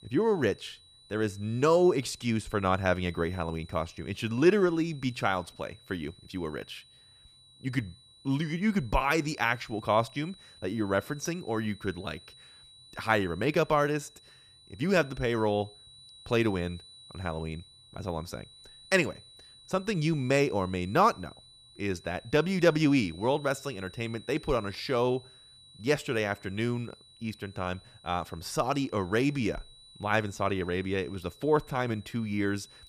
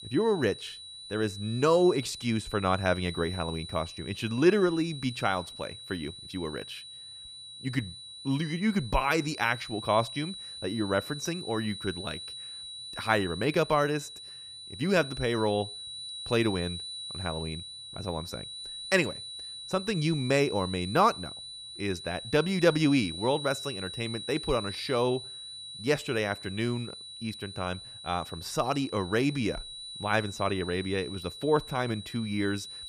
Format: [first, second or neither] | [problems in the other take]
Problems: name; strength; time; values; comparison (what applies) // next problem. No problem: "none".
first | high-pitched whine; loud; throughout; 4 kHz, 10 dB below the speech; faint in the first